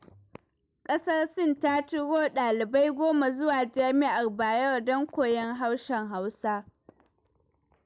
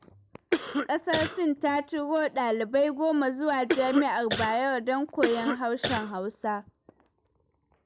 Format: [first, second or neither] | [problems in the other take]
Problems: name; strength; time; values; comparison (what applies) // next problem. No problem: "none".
first | background sound (Cough); 3 dB below the speech